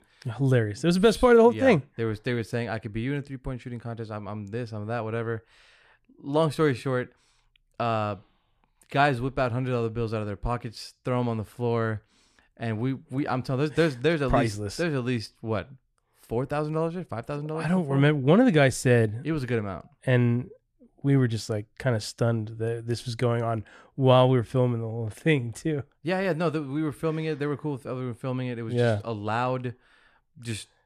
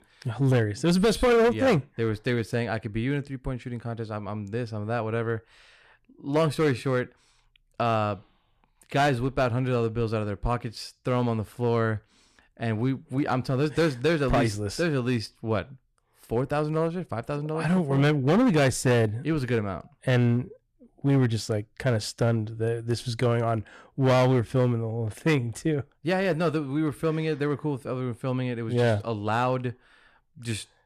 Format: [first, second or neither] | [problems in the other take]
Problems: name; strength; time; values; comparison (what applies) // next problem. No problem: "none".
first | distortion; slight; 5% of the sound clipped